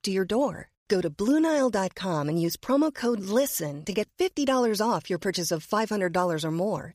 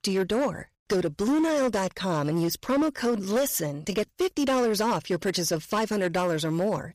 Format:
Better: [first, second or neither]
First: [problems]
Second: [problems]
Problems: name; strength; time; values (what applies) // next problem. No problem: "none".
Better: first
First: none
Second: distortion; slight; 12% of the sound clipped